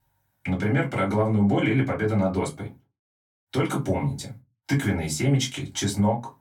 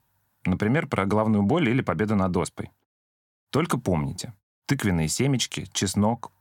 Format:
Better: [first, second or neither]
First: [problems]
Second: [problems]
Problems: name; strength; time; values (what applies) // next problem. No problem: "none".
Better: second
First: off-mic speech; far // room echo; very slight; dies away in 0.2 s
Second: none